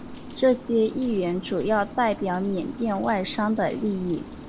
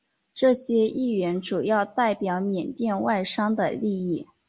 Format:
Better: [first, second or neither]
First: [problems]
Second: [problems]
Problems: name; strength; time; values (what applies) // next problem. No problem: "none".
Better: second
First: background sound (Rain); 13 dB below the speech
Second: none